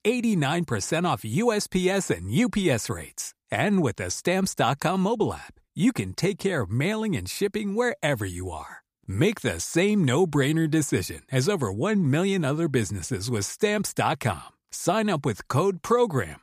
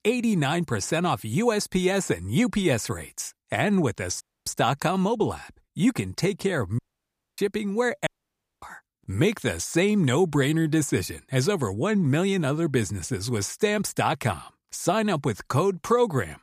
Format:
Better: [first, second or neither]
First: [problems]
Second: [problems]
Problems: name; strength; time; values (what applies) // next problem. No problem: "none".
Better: first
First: none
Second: audio cutting out; at 4 s, at 7 s for 0.5 s and at 8 s for 0.5 s